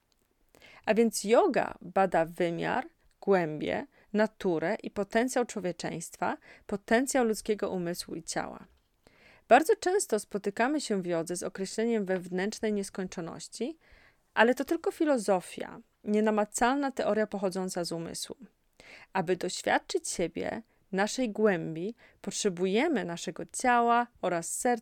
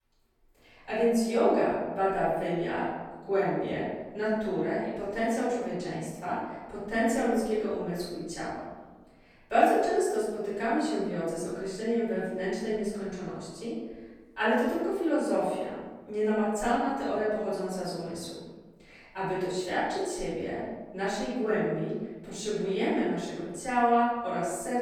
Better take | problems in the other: first | off-mic speech; far // room echo; strong; dies away in 1.2 s

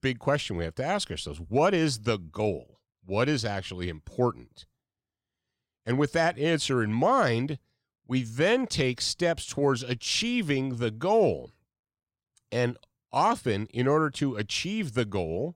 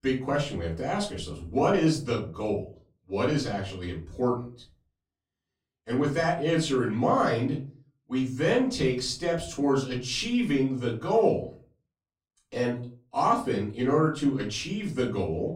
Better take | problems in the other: first | off-mic speech; far // room echo; slight; dies away in 0.3 s

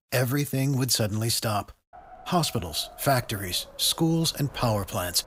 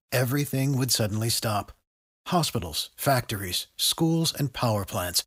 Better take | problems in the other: second | wind noise on the microphone; occasional gusts; from 2 s on; 20 dB below the speech

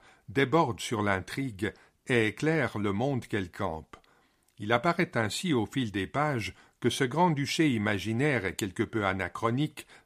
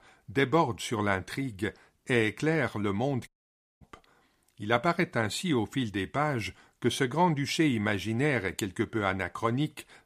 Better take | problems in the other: first | audio cutting out; at 3.5 s for 0.5 s

